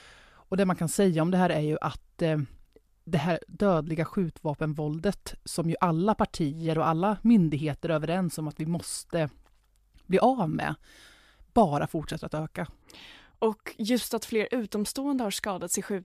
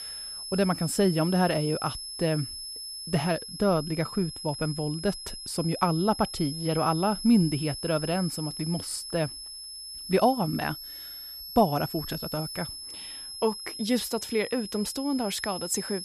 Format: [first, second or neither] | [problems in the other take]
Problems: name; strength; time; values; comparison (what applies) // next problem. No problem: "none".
first | high-pitched whine; loud; throughout; 5 kHz, 8 dB below the speech